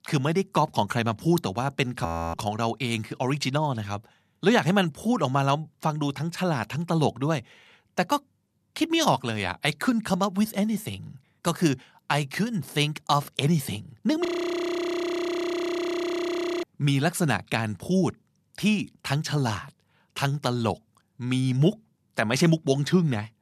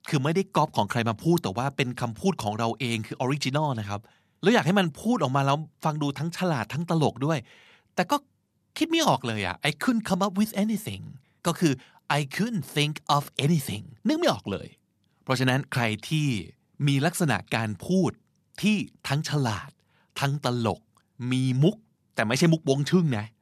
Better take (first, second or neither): second